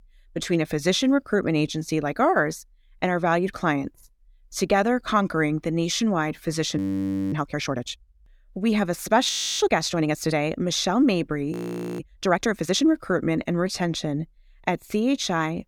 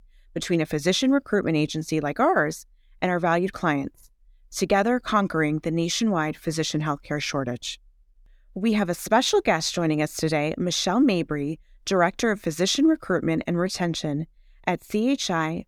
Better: second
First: audio freezing; at 7 s for 0.5 s, at 9.5 s and at 12 s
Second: none

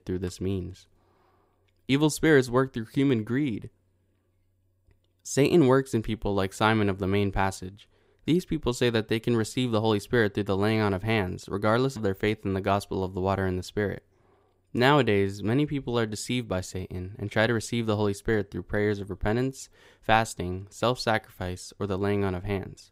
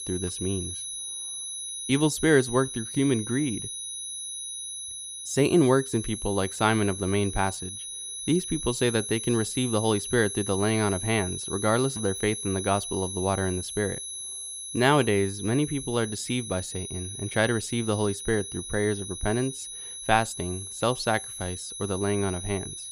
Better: first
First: none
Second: high-pitched whine; loud; throughout; 10.5 kHz, 7 dB below the speech

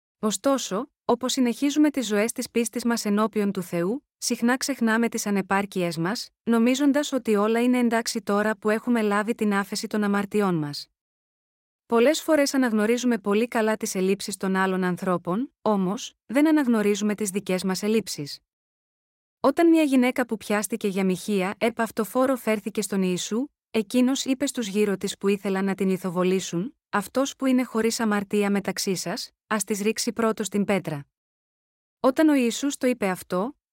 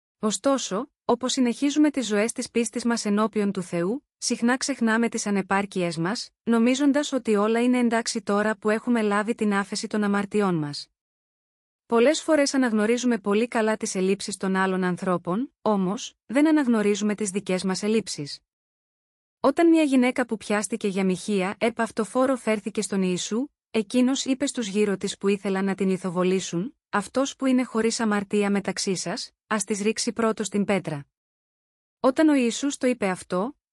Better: first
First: none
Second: garbled, watery; slightly; nothing above 11 kHz

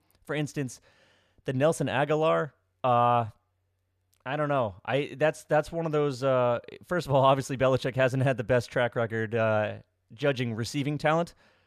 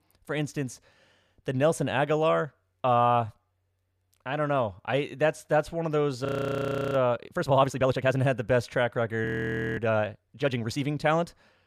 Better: first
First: none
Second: audio freezing; at 6.5 s for 0.5 s and at 9.5 s for 0.5 s

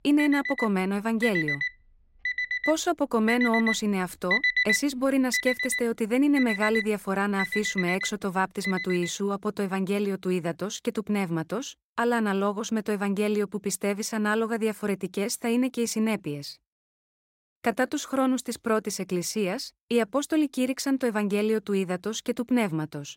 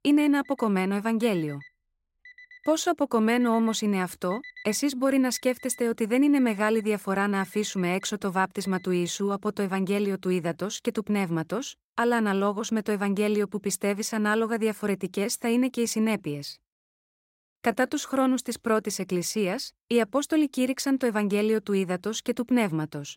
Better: second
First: alarms or sirens; loud; until 9 s; 2 dB below the speech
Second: alarms or sirens; faint; until 9 s; 20 dB below the speech

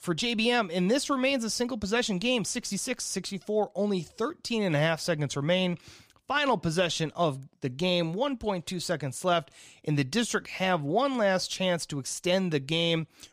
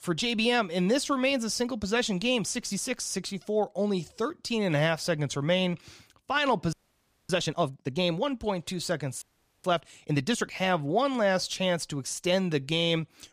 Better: first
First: none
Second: audio freezing; at 6.5 s for 0.5 s and at 9 s

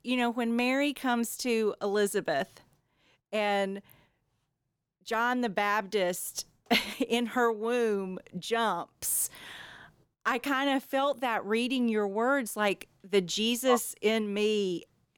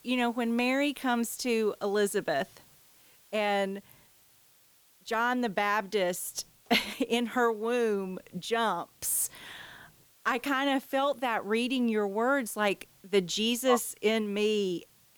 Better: first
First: none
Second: hiss; faint; throughout; 30 dB below the speech

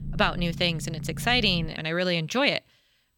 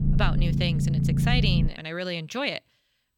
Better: first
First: low rumble; faint; until 1.5 s; 20 dB below the speech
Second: low rumble; loud; until 1.5 s; 5 dB below the speech

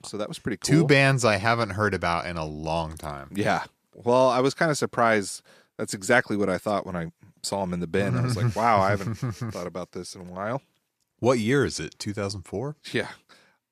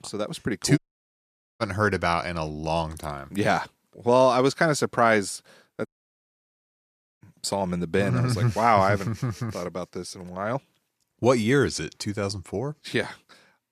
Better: first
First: none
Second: audio cutting out; at 1 s for 1 s and at 6 s for 1.5 s

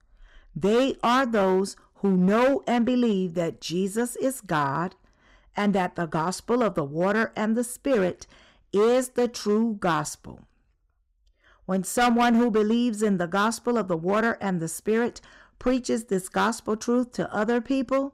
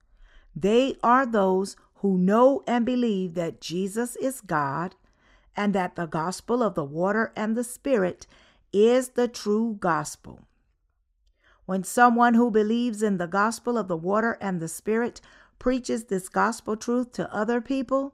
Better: second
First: distortion; slight; 7% of the sound clipped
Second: none

